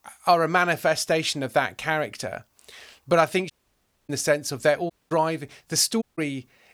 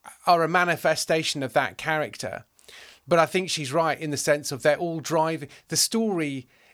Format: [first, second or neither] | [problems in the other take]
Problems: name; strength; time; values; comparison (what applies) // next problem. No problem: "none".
second | audio cutting out; at 3.5 s for 0.5 s, at 5 s and at 6 s